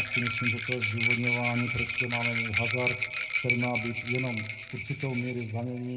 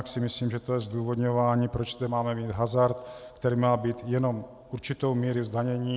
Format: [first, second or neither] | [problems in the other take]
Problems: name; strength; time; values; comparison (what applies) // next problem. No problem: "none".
second | background sound (Rattle); 1 dB above the speech // room echo; dies away in 0.4 s